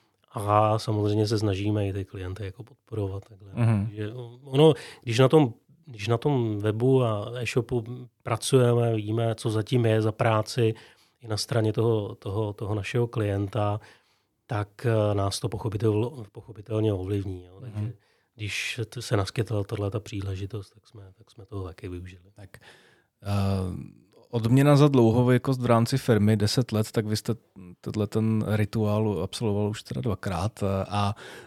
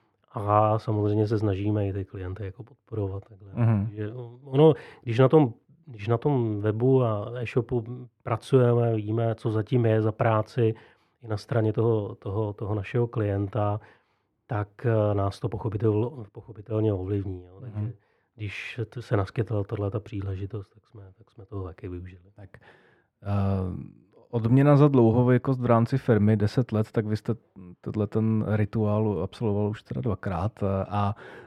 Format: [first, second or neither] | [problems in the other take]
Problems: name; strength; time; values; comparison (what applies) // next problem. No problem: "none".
first | muffled; slightly; fading above 3 kHz